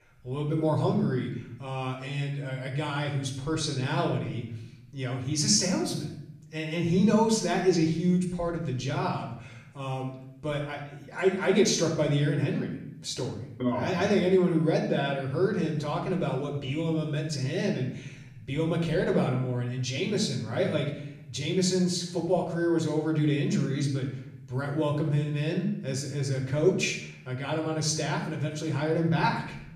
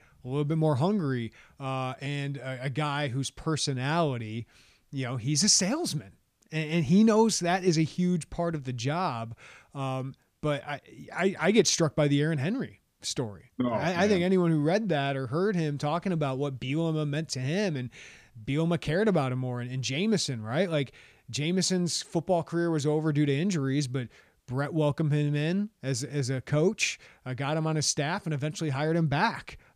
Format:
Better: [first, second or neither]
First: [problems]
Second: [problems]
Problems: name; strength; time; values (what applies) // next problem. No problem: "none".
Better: second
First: room echo; noticeable; dies away in 0.7 s // off-mic speech; far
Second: none